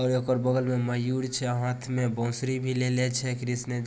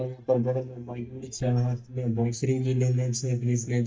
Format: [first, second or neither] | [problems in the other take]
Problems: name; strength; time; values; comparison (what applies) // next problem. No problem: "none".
first | noise reduction (neural mask model DeepFilterNet 3)